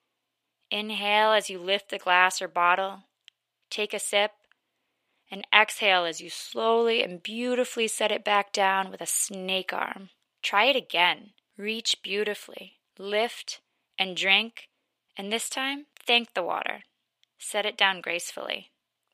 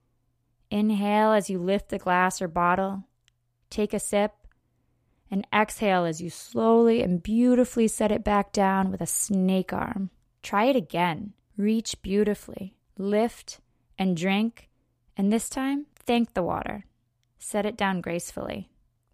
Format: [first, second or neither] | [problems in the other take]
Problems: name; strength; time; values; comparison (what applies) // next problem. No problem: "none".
second | thin; somewhat; fading below 450 Hz